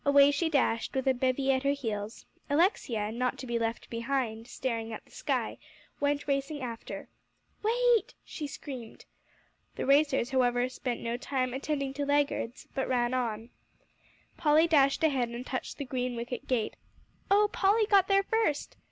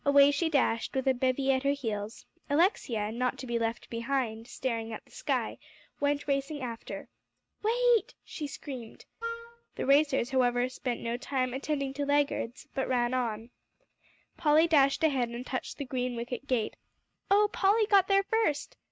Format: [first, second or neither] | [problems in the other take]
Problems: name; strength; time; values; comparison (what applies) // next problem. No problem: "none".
first | noise reduction (neural mask model RNNoise)